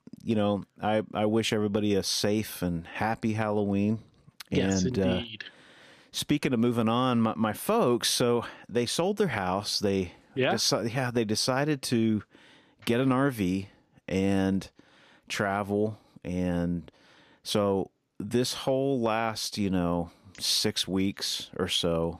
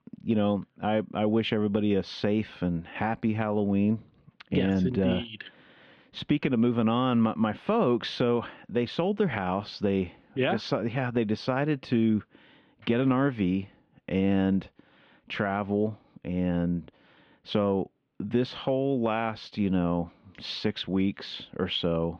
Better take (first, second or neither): first